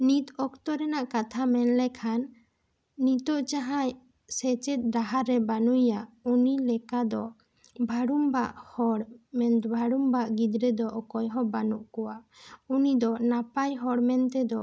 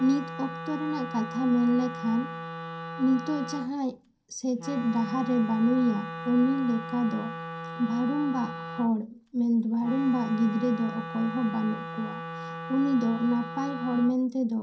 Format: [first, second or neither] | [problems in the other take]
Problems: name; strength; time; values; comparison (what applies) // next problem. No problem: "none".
first | background sound (Wind instrument, woodwind instrument); 10 dB below the speech // room echo; dies away in 0.3 s